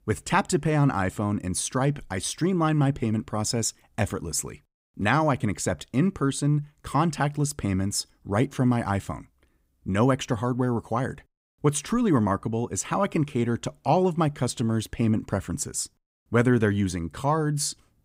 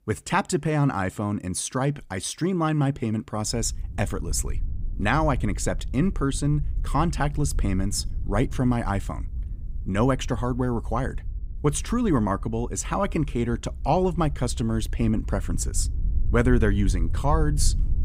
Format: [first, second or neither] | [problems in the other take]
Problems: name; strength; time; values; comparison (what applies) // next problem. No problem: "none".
first | low rumble; faint; from 3.5 s on; 25 dB below the speech